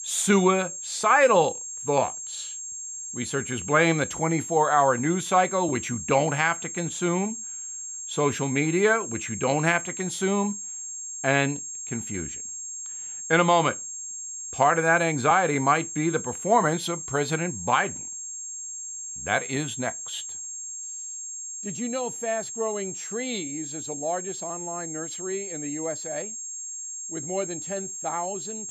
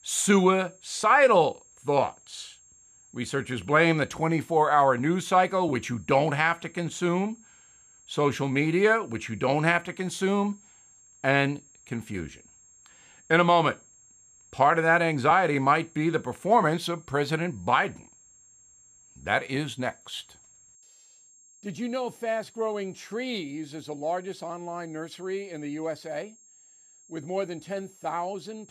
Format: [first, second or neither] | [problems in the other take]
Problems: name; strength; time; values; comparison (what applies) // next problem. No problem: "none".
second | high-pitched whine; loud; throughout; 7.5 kHz, 8 dB below the speech; faint in the second